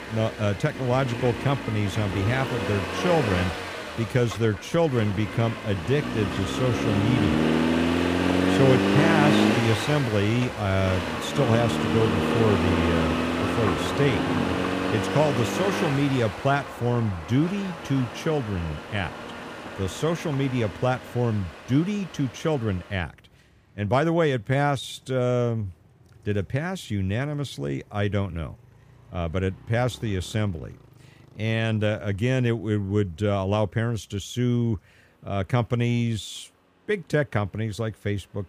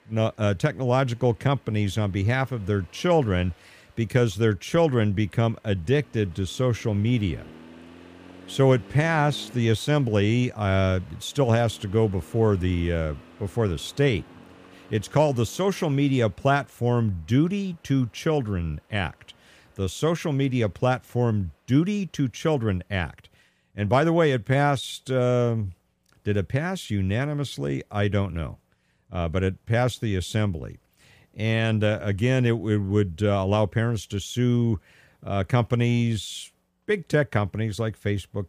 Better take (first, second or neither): second